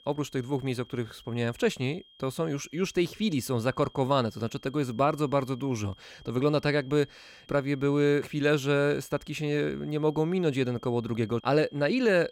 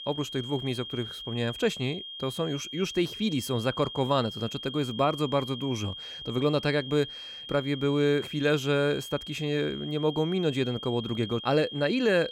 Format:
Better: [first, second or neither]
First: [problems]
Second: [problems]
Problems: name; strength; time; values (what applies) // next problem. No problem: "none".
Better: first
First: high-pitched whine; faint; throughout; 3 kHz, 25 dB below the speech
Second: high-pitched whine; loud; throughout; 3 kHz, 9 dB below the speech